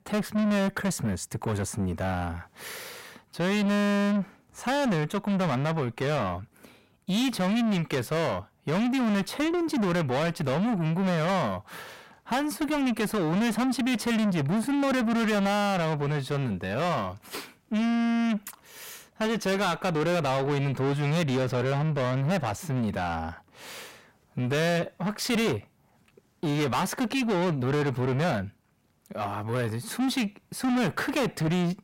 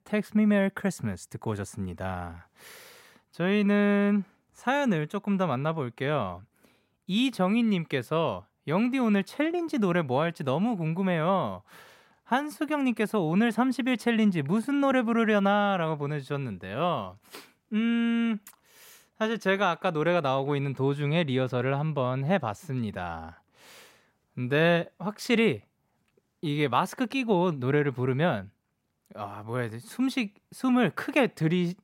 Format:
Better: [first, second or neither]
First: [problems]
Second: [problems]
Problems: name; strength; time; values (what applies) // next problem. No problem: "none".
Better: second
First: distortion; heavy; 6 dB below the speech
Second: none